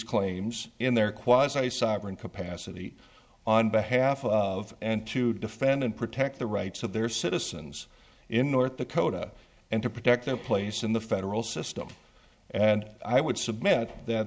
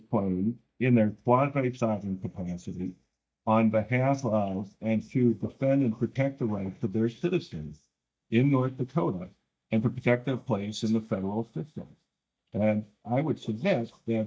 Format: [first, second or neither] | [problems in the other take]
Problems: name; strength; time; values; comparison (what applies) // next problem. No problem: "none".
first | noise reduction (neural mask model DeepFilterNet 3)